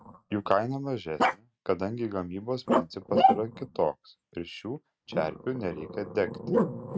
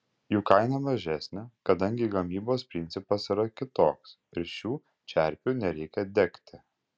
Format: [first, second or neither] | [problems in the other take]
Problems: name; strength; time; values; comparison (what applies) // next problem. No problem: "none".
second | noise reduction (neural mask model RNNoise)